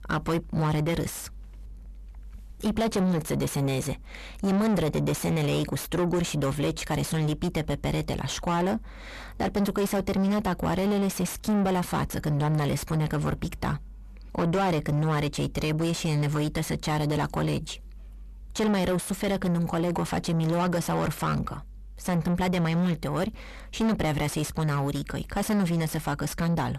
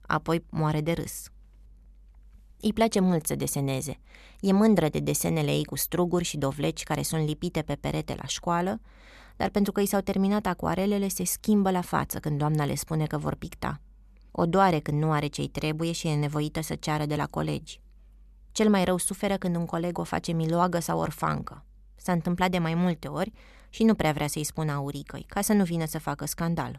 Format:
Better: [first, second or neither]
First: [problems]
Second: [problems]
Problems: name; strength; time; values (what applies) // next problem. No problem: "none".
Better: second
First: distortion; heavy; 5 dB below the speech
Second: none